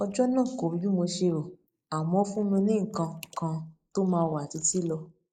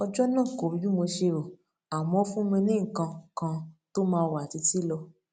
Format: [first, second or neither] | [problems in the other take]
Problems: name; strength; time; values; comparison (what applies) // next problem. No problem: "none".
second | noise reduction (neural mask model Resemble Enhance denoiser)